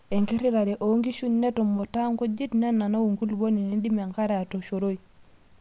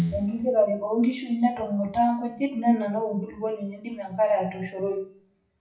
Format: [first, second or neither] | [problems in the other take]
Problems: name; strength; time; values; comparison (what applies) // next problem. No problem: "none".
first | noise reduction (classical method WPE with log-MMSE)